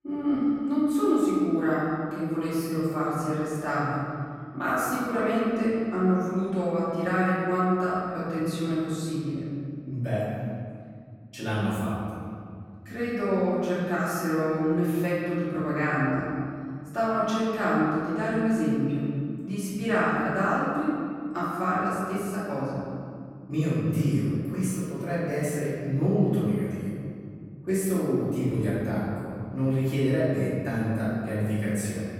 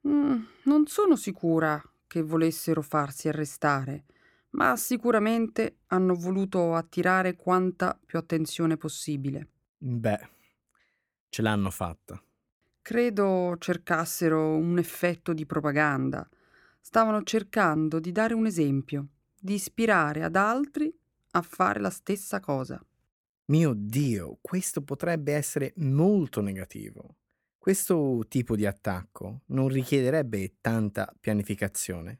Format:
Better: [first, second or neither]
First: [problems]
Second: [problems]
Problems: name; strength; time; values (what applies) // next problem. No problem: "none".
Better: second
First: room echo; strong; dies away in 2.2 s // off-mic speech; far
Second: none